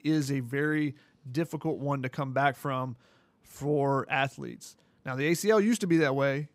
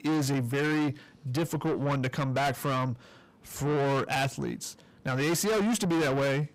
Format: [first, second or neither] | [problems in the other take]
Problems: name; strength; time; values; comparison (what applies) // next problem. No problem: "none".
first | distortion; heavy; 6 dB below the speech